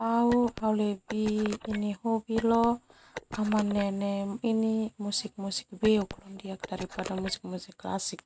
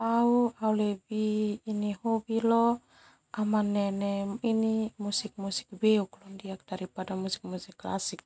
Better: second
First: background sound (Telephone); 13 dB below the speech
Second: none

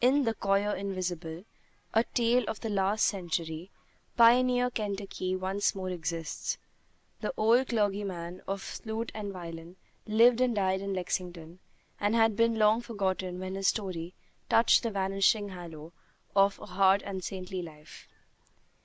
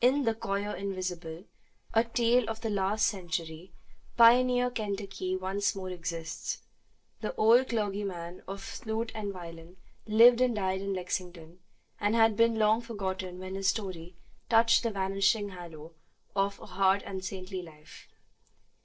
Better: first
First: none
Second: noise reduction (neural separator model SepFormer DNS4)

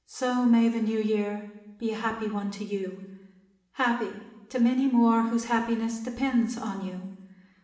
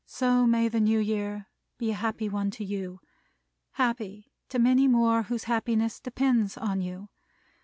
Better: second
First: room echo; dies away in 1 s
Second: none

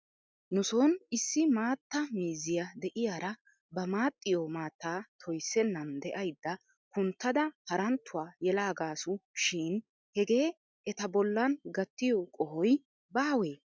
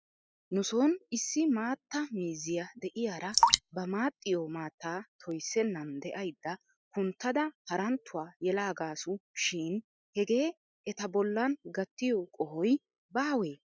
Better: first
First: none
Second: noise reduction (classical method spectral subtraction)

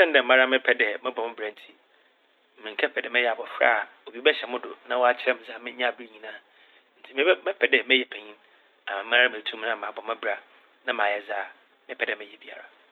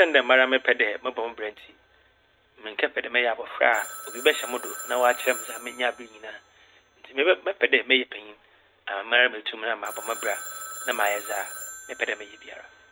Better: first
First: none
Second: background sound (Telephone); 16 dB below the speech

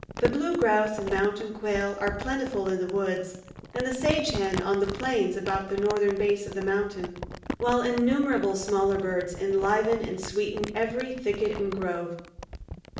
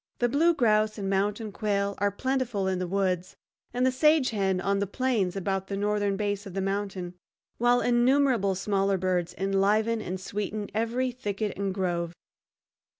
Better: second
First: background sound (Crumpling, crinkling); 11 dB below the speech // room echo; dies away in 0.6 s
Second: none

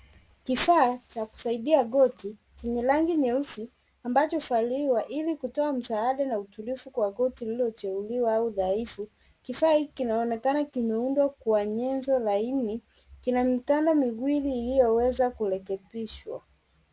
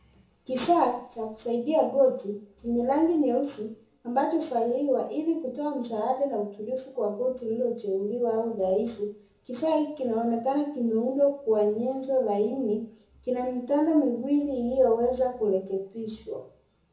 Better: first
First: none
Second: room echo; dies away in 0.7 s

